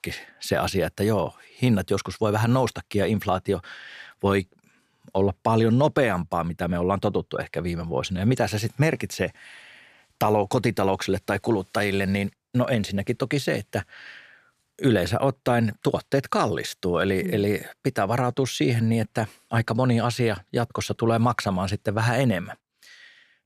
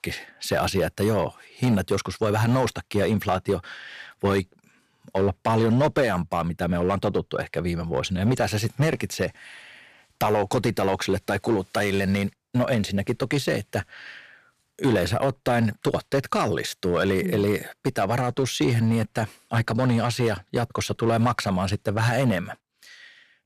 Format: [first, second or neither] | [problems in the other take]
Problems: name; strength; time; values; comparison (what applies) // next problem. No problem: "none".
first | distortion; slight; 5% of the sound clipped